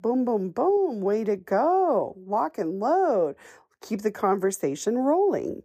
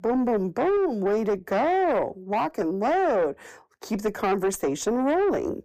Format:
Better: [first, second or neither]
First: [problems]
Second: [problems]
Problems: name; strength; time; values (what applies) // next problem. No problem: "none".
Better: first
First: none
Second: distortion; slight; 10 dB below the speech